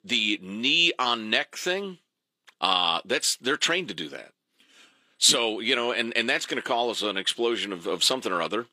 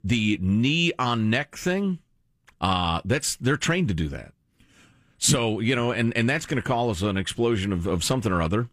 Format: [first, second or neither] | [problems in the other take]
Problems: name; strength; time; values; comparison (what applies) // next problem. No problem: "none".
second | thin; somewhat; fading below 350 Hz